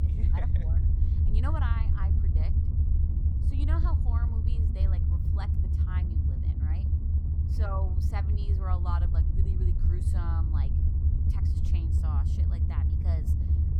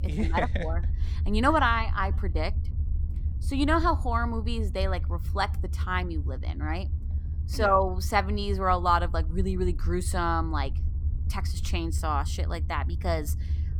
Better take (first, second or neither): second